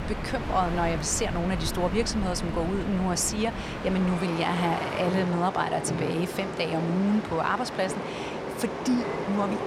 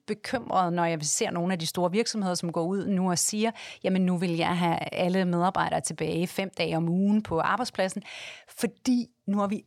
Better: second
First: train or aircraft noise; loud; throughout; 5 dB below the speech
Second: none

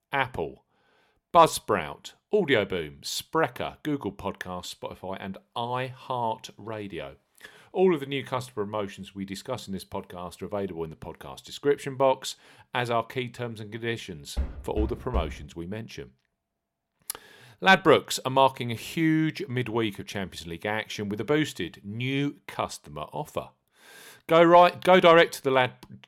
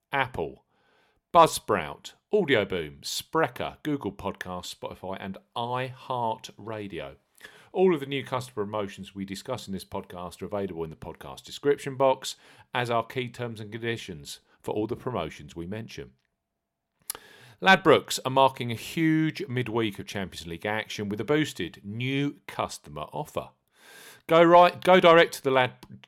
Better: second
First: door banging; noticeable; from 14 to 15 s; peak 7 dB below the speech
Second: none

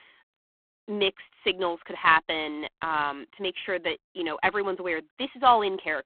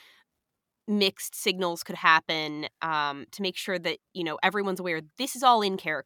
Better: second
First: phone-call audio; poor line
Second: none

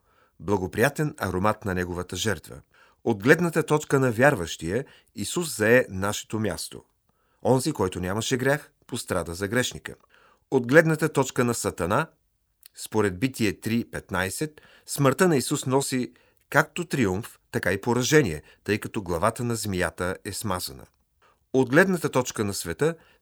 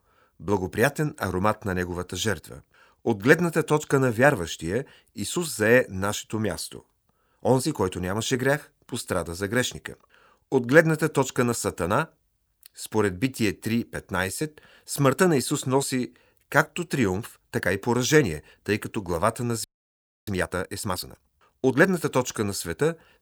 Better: first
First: none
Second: audio freezing; at 20 s for 0.5 s

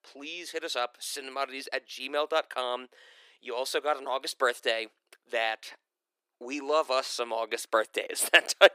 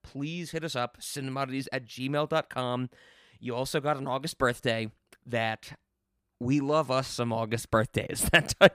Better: second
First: thin; very; fading below 350 Hz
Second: none

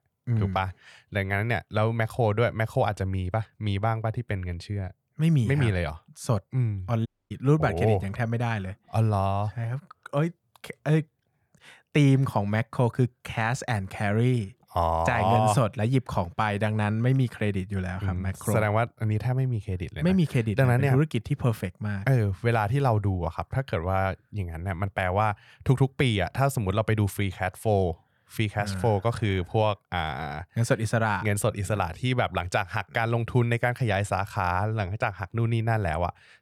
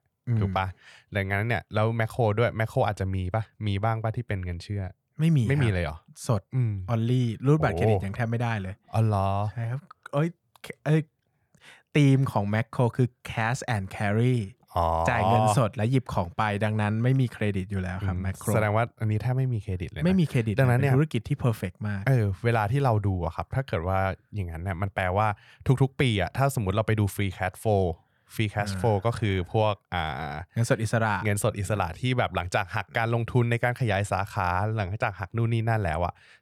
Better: second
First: audio cutting out; at 7 s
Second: none

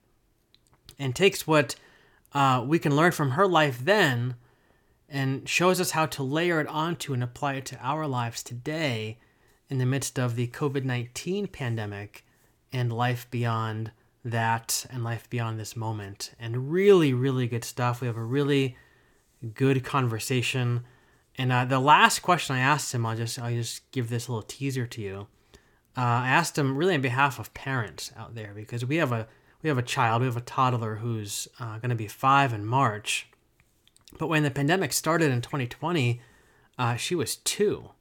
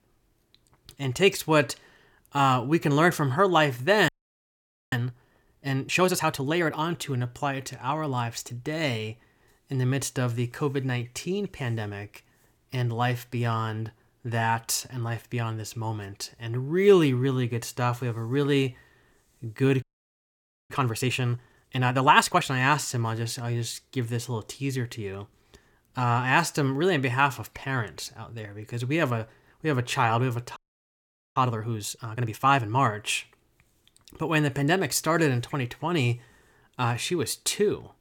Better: first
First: none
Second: audio freezing; at 4 s for 1 s, at 20 s for 1 s and at 31 s for 1 s

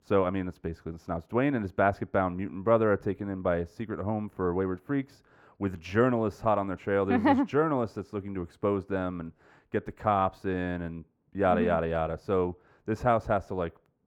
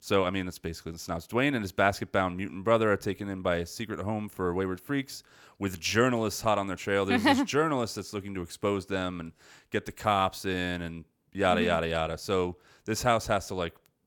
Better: second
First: muffled; very; fading above 2.5 kHz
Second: none

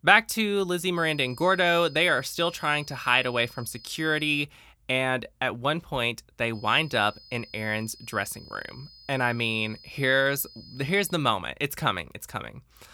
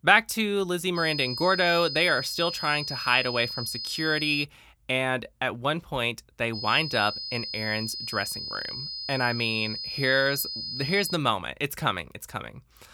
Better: first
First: high-pitched whine; faint; from 1 to 4.5 s and from 6.5 to 11 s; 5 kHz, 20 dB below the speech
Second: high-pitched whine; loud; from 1 to 4.5 s and from 6.5 to 11 s; 5 kHz, 6 dB below the speech

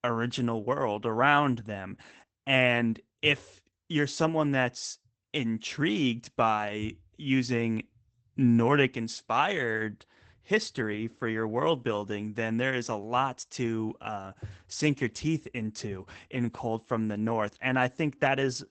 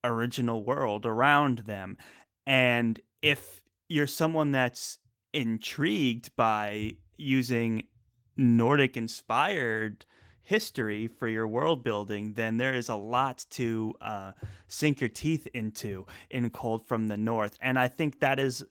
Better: second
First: garbled, watery; badly; nothing above 8 kHz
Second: garbled, watery; slightly; nothing above 16.5 kHz

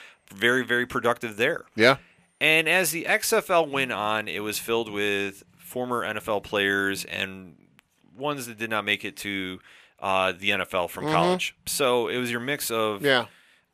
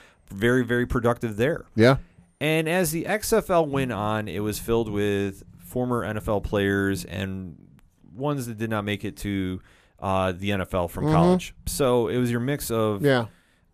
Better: second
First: thin; somewhat; fading below 1 kHz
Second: none

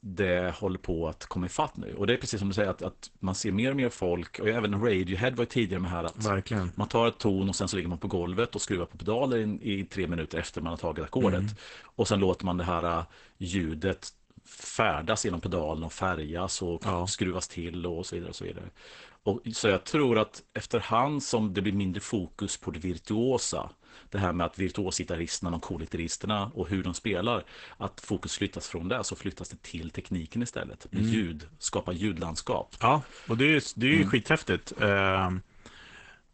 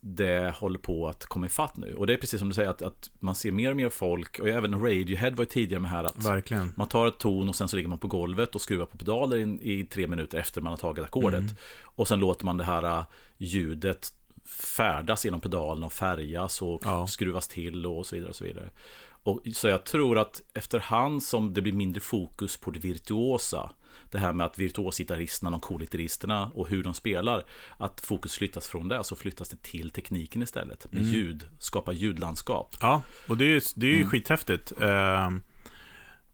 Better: second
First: garbled, watery; badly; nothing above 8 kHz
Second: garbled, watery; slightly; nothing above 19 kHz

